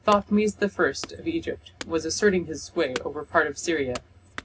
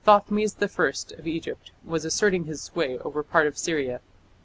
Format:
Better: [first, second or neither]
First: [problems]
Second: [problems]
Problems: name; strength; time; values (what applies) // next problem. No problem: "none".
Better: second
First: background sound (Wood / Domestic sounds, home sounds); 18 dB below the speech // room echo; dies away in 0.4 s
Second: none